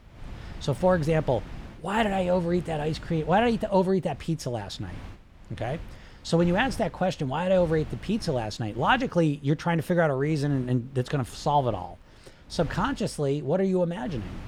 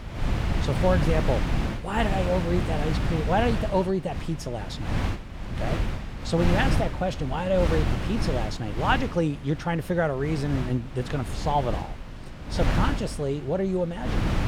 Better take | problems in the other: first | wind noise on the microphone; heavy; 6 dB below the speech; occasional gusts in the first

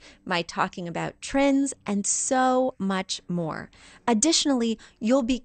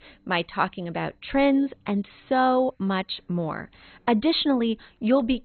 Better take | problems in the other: first | garbled, watery; badly; nothing above 4 kHz; slightly in the first

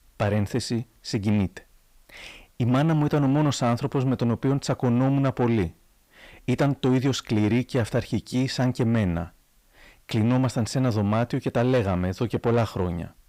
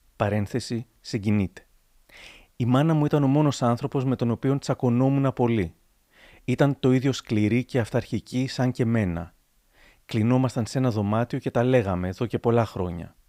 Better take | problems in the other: second | distortion; slight; 10 dB below the speech

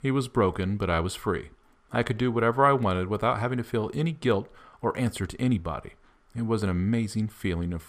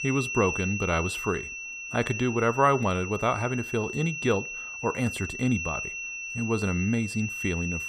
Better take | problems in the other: first | high-pitched whine; loud; throughout; 2.5 kHz, 5 dB below the speech

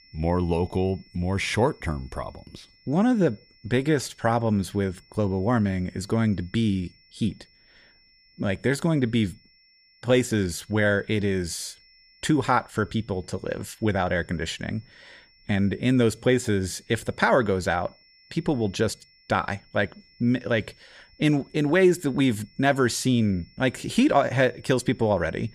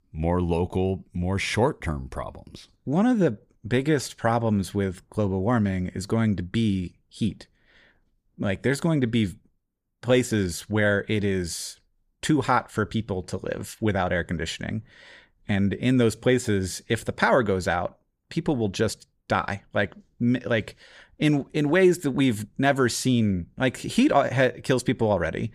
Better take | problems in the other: second | high-pitched whine; faint; throughout; 5.5 kHz, 30 dB below the speech

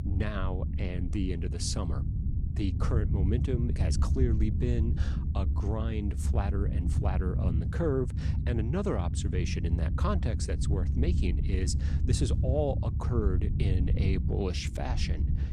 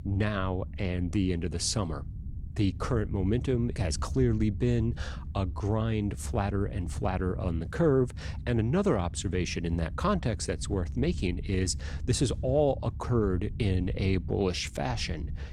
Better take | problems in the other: second | low rumble; loud; throughout; 7 dB below the speech; faint in the second

